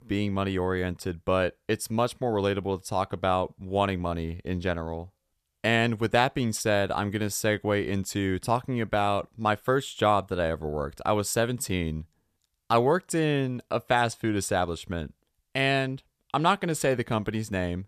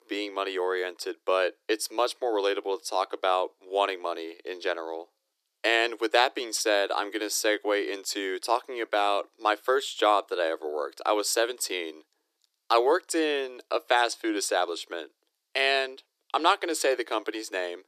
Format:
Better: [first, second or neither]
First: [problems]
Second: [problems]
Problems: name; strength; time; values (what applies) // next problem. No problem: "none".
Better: first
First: none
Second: thin; very; fading below 300 Hz